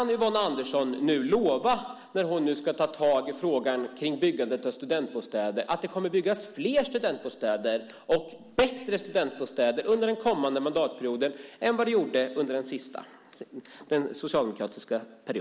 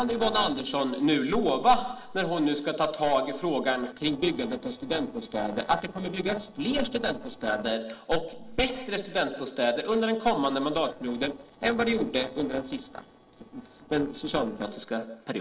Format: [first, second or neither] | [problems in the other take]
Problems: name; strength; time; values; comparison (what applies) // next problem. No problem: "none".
first | noise reduction (neural separator model SepFormer DNS4)